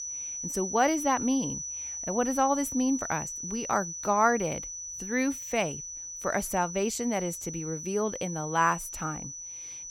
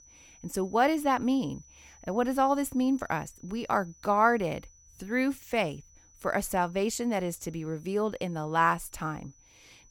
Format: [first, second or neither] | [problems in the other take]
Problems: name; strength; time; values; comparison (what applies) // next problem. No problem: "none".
second | high-pitched whine; loud; throughout; 6 kHz, 6 dB below the speech; faint in the second